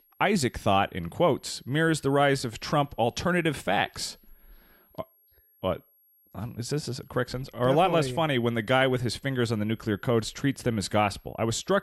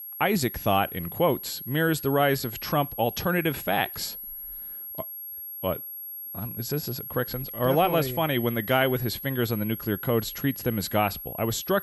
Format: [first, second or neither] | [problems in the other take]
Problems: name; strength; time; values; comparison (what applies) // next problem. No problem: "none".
first | high-pitched whine; loud; throughout; 11.5 kHz, 9 dB below the speech; faint in the first